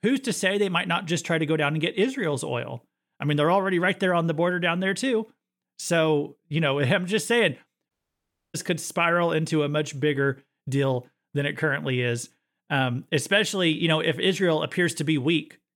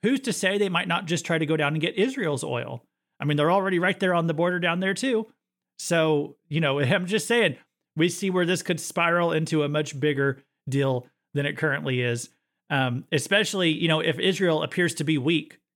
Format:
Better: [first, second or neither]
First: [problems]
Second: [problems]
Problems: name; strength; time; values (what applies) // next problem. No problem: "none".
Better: second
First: audio cutting out; at 8 s for 0.5 s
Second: none